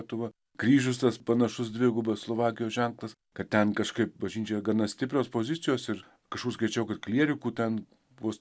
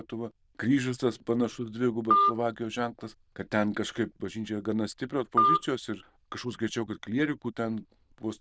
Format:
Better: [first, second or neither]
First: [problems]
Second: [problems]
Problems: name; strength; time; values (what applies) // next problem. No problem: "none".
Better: first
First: none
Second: noise reduction (neural diffusion model UNIVERSE++)